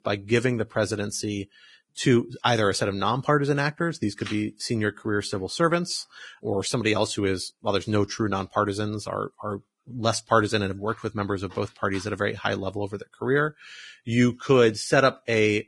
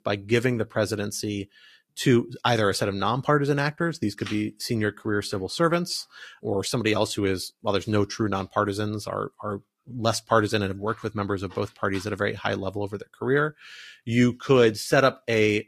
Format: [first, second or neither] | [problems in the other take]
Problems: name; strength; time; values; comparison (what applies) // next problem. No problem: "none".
second | garbled, watery; badly; nothing above 10.5 kHz; slightly in the second